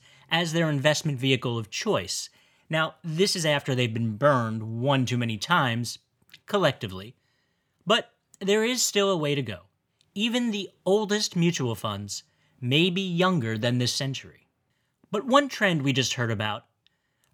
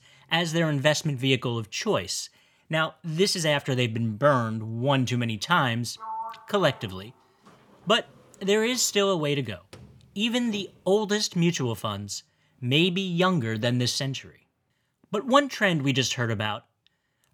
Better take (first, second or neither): first